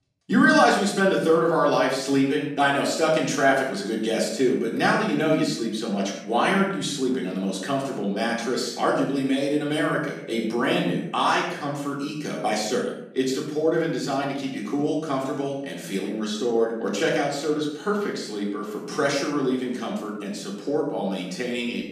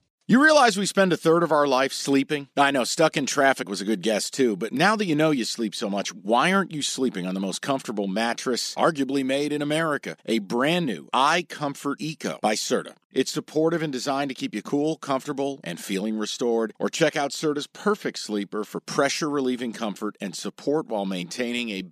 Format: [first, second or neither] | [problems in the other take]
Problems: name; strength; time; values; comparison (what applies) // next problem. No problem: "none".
second | off-mic speech; far // room echo; noticeable; dies away in 0.6 s